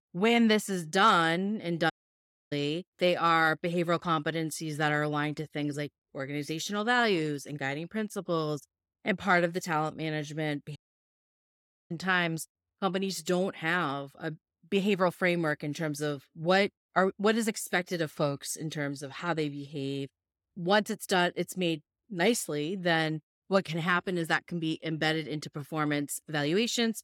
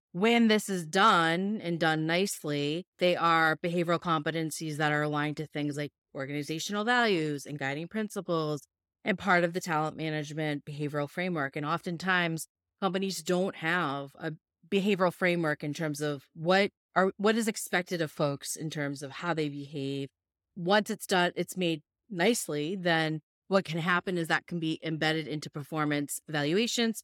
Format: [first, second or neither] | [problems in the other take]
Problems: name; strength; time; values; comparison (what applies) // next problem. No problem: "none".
second | audio cutting out; at 2 s for 0.5 s and at 11 s for 1 s